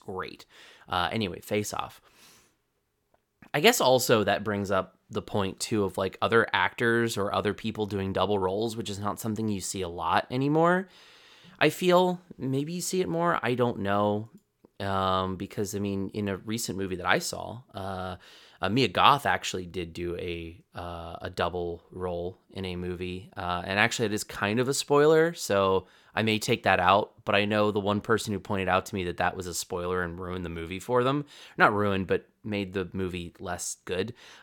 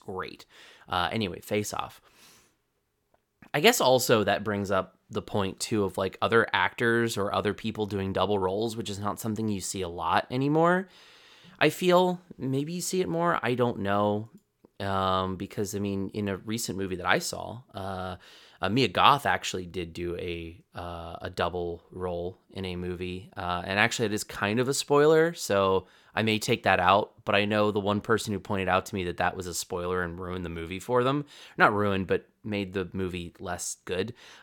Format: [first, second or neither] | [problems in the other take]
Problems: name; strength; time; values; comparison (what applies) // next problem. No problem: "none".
neither | none